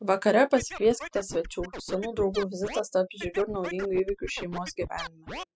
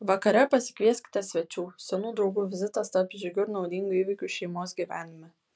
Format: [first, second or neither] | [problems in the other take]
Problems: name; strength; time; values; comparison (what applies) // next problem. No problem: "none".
second | noise reduction (classical method spectral subtraction)